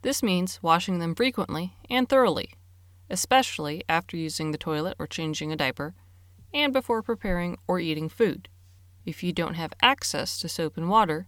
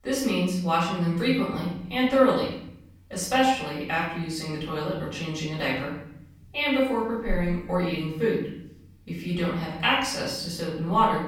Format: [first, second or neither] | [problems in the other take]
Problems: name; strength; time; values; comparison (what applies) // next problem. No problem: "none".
first | off-mic speech; far // room echo; noticeable; dies away in 0.8 s